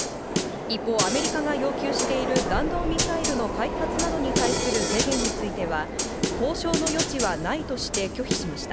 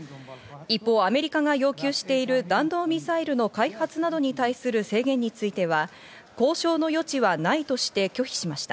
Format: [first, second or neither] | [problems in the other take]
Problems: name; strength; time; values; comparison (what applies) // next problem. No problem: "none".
second | background sound (Snare drum + Subway, metro, underground); 2 dB above the speech